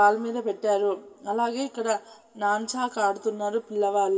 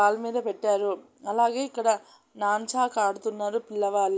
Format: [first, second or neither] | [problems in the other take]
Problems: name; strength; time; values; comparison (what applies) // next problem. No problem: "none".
second | room echo; dies away in 1.5 s